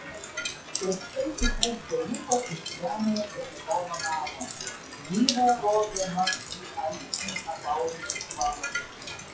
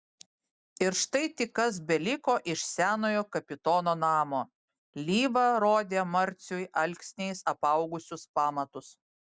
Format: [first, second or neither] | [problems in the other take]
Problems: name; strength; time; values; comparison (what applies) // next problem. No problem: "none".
second | noise reduction (classical method WPE with log-MMSE)